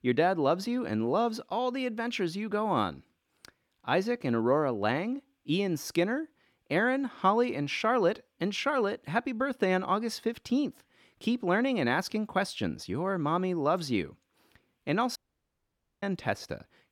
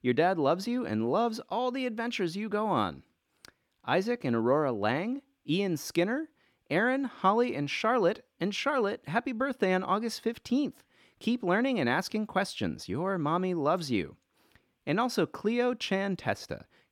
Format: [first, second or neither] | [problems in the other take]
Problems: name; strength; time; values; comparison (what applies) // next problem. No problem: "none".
second | audio cutting out; at 15 s for 1 s